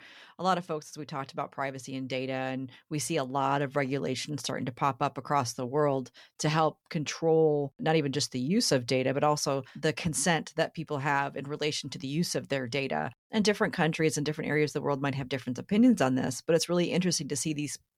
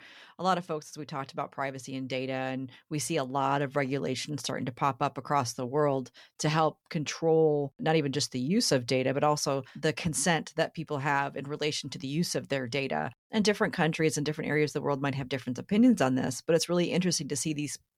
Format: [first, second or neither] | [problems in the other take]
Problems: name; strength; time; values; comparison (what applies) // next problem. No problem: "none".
neither | none